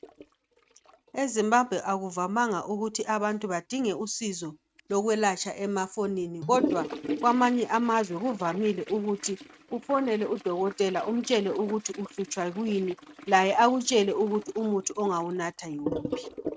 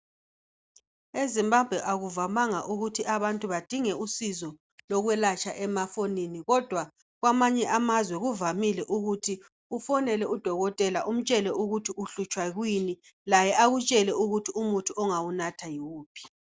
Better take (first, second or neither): second